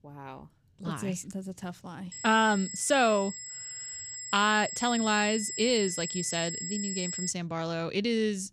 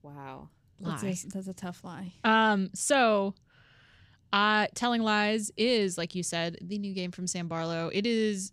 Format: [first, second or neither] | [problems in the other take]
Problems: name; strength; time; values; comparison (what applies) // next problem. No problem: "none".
second | high-pitched whine; loud; from 2 to 7.5 s; 7.5 kHz, 7 dB below the speech